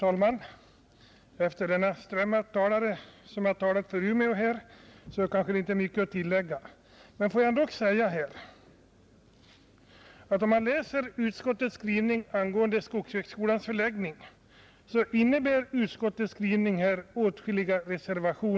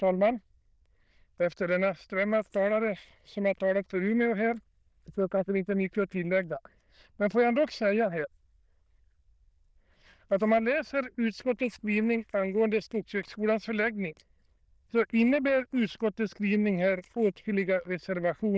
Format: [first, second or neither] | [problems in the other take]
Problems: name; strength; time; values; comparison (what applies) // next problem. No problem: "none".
first | noise reduction (neural diffusion model UNIVERSE++)